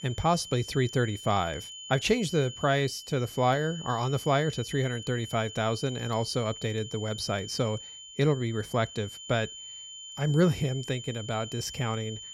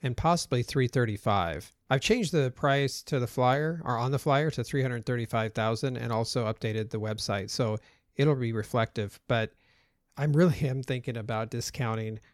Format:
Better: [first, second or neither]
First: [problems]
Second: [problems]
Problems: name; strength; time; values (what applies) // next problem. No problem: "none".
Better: second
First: high-pitched whine; noticeable; throughout; 3 kHz, 10 dB below the speech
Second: none